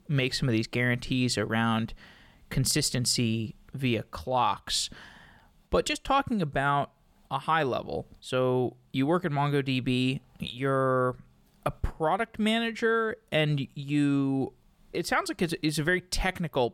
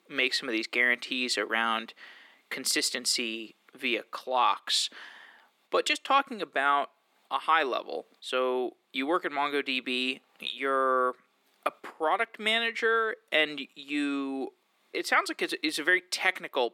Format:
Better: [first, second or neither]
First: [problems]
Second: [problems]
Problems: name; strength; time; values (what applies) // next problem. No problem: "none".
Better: first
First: none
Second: thin; somewhat; fading below 300 Hz